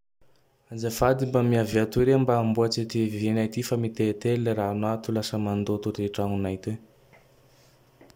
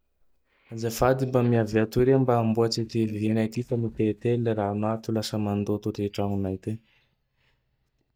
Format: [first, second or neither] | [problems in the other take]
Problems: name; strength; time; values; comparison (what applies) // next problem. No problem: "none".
first | noise reduction (neural mask model DeepFilterNet 3)